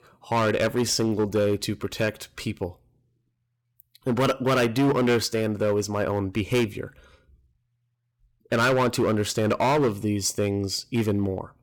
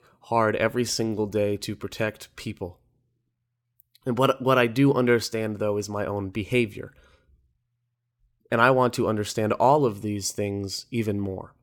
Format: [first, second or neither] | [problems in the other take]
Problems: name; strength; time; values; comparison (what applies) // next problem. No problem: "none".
second | distortion; heavy; 9% of the sound clipped